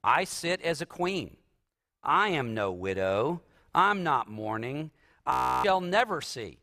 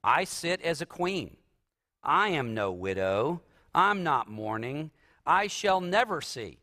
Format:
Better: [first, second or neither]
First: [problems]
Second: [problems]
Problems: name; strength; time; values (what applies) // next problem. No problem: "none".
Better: second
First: audio freezing; at 5.5 s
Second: none